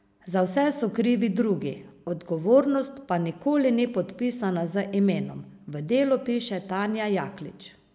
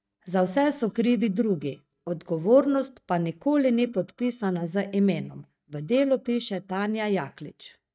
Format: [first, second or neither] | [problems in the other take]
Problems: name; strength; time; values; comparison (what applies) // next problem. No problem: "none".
first | noise reduction (neural mask model DeepFilterNet 3)